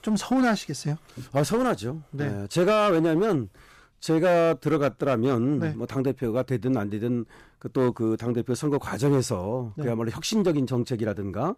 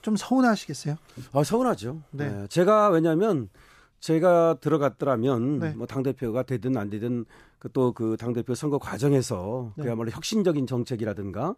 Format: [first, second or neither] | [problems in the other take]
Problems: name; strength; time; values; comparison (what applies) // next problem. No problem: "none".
second | distortion; slight; 7% of the sound clipped